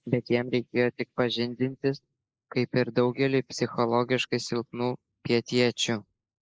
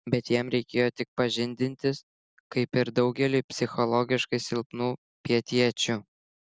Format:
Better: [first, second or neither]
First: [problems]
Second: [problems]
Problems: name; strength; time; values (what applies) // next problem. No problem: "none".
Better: second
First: noise reduction (neural mask model Resemble Enhance denoiser)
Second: none